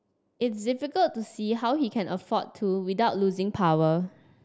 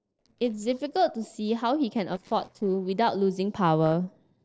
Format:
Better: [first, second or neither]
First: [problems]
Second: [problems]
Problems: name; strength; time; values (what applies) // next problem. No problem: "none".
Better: first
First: none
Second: noise reduction (neural separator model SepFormer DNS4)